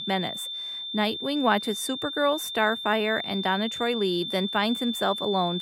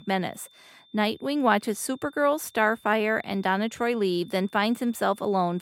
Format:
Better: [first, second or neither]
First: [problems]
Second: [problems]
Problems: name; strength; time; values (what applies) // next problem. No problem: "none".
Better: second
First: high-pitched whine; loud; throughout; 3.5 kHz, 5 dB below the speech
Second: high-pitched whine; faint; throughout; 3.5 kHz, 30 dB below the speech